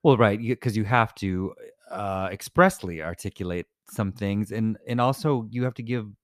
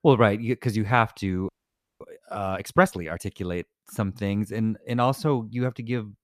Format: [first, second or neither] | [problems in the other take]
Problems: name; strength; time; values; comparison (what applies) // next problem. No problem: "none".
first | audio freezing; at 1.5 s for 0.5 s